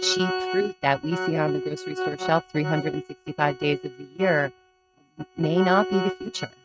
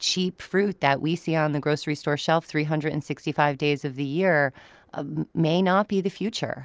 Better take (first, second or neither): second